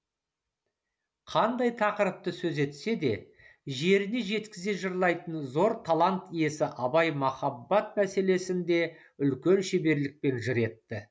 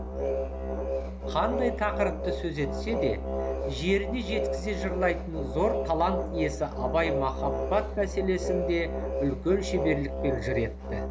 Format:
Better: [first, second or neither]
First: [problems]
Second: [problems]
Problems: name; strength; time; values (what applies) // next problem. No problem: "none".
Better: first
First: none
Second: background sound (Musical instrument); 1 dB below the speech